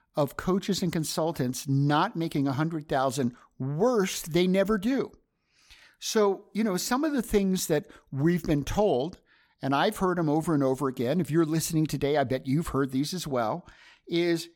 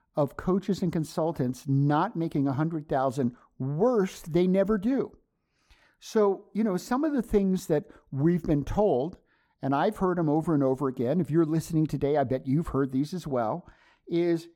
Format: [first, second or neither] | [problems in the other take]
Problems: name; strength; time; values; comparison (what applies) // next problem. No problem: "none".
first | muffled; slightly; fading above 1.5 kHz